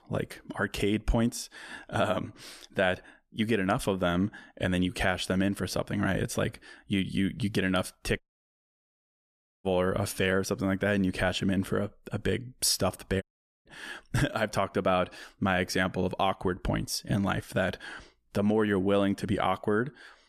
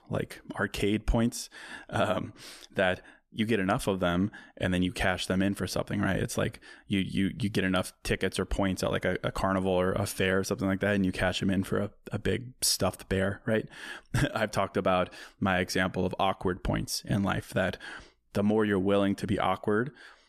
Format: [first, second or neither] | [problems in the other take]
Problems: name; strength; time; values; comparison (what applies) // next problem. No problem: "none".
second | audio cutting out; at 8 s for 1.5 s and at 13 s